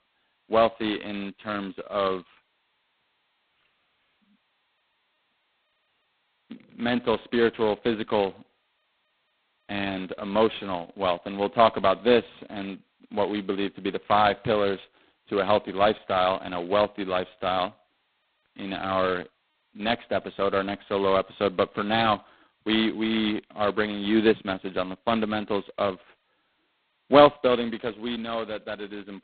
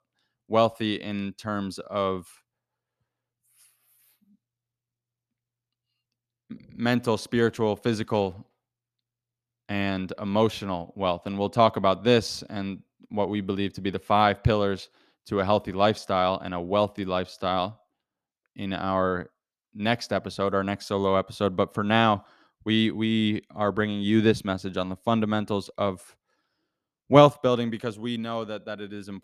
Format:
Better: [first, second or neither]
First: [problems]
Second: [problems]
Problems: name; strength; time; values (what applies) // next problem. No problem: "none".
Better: second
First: phone-call audio; poor line; nothing above 4 kHz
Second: none